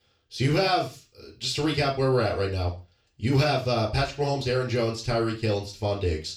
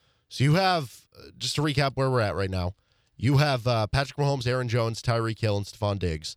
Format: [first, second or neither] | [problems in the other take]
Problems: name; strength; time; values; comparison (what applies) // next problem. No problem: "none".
second | room echo; slight; dies away in 0.3 s // off-mic speech; far